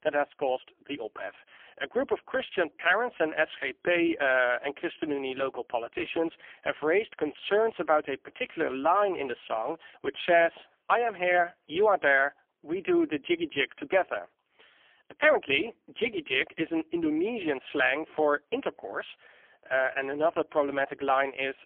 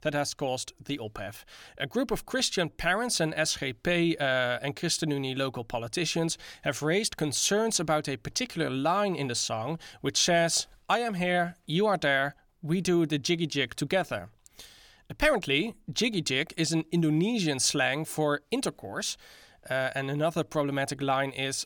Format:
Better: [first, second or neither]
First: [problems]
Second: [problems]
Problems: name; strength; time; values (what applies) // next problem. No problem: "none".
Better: second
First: phone-call audio; poor line; nothing above 3.5 kHz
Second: none